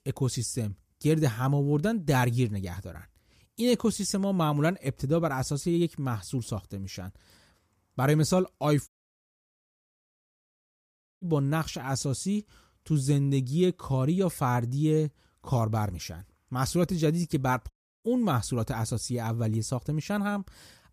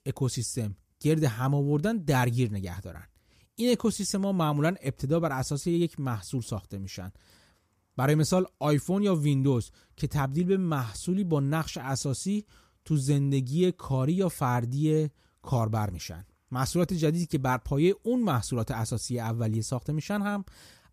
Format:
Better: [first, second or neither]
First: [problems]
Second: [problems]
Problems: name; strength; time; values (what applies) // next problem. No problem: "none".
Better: second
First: audio cutting out; at 9 s for 2.5 s and at 18 s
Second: none